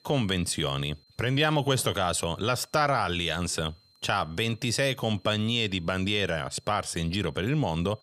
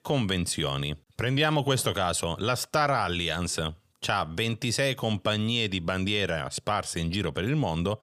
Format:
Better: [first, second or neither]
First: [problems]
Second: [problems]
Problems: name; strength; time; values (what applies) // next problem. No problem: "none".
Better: second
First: high-pitched whine; faint; throughout; 4 kHz, 35 dB below the speech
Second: none